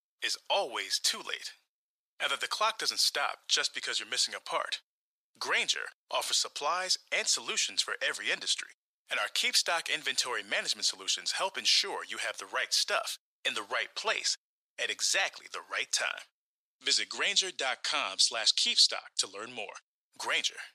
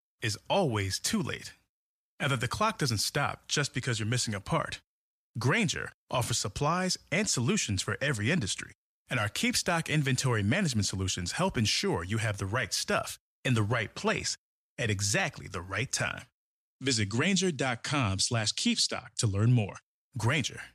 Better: second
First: thin; very; fading below 550 Hz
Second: none

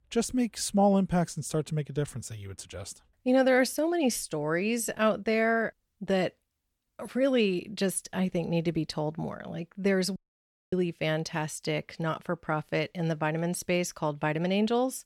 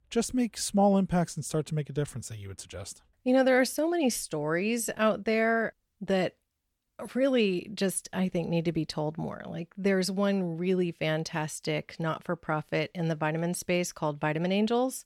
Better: second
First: audio cutting out; at 10 s for 0.5 s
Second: none

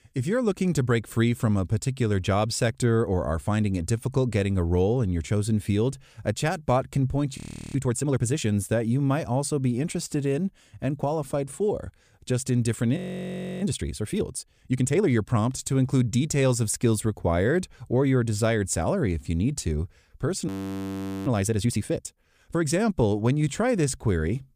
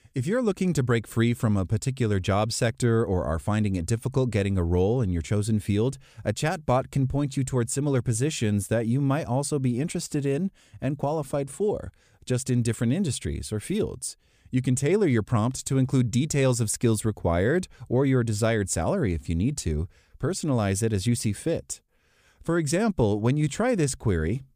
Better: second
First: audio freezing; at 7.5 s, at 13 s for 0.5 s and at 20 s for 1 s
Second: none

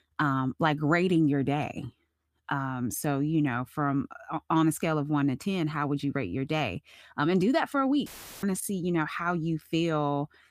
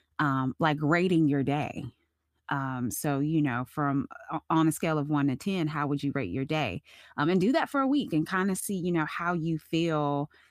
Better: second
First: audio cutting out; filled with static; at 8 s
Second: none

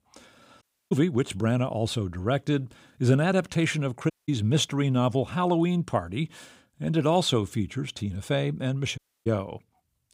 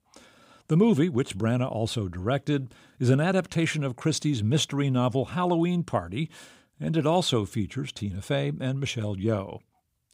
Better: second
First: audio cutting out; at 0.5 s, at 4 s and at 9 s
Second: none

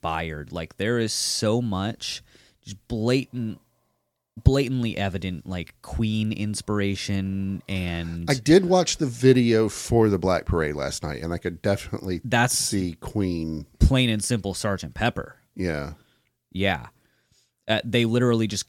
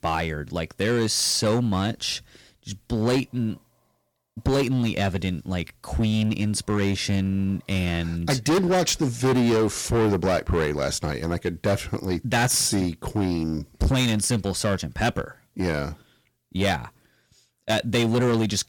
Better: first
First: none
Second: distortion; heavy; 11% of the sound clipped

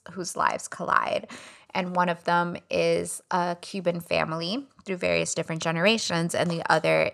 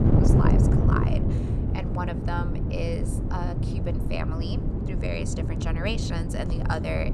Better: first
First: none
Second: wind noise on the microphone; heavy; 1 dB below the speech

